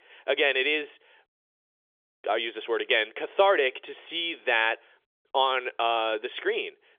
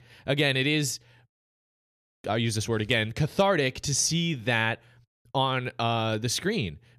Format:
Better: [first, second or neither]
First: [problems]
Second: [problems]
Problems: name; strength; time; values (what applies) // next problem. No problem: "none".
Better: second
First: phone-call audio; nothing above 3.5 kHz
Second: none